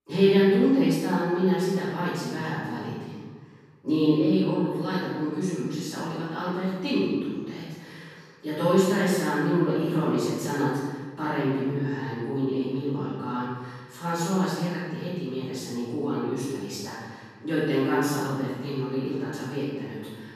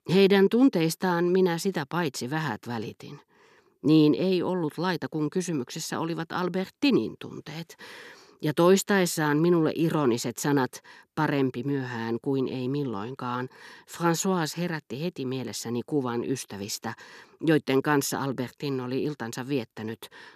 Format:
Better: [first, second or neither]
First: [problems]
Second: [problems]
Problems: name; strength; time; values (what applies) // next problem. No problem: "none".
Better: second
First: room echo; strong; dies away in 1.3 s // off-mic speech; far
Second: none